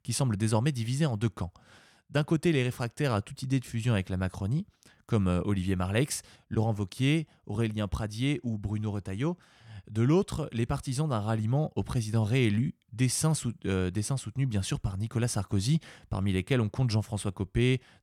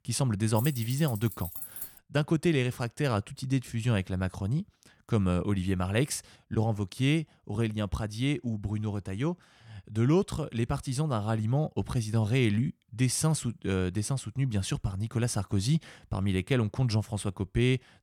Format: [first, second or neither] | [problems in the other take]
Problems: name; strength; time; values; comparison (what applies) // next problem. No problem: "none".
first | jangling keys; noticeable; from 0.5 to 2 s; peak 7 dB below the speech